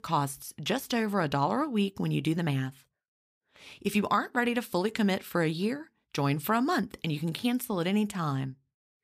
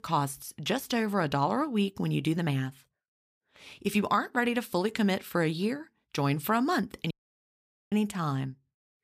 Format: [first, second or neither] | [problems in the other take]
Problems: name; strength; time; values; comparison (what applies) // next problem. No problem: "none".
first | audio cutting out; at 7 s for 1 s